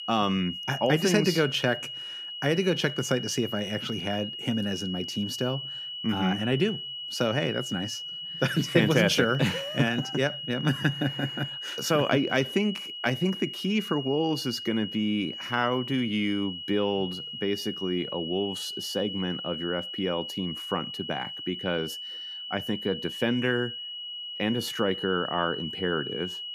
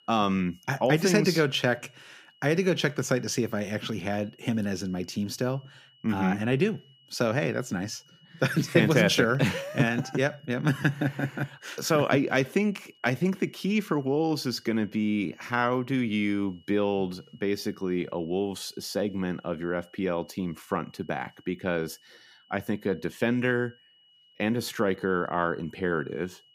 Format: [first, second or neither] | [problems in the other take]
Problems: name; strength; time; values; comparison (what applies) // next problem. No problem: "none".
second | high-pitched whine; loud; throughout; 3 kHz, 6 dB below the speech; faint in the second